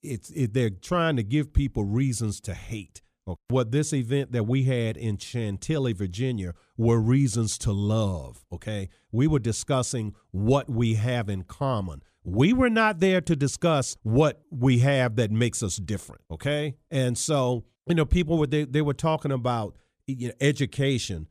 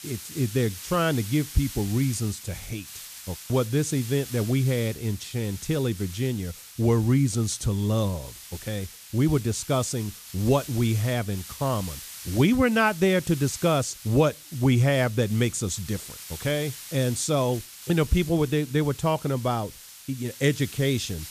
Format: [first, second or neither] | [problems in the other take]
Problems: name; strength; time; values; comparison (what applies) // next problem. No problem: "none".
first | hiss; noticeable; throughout; 15 dB below the speech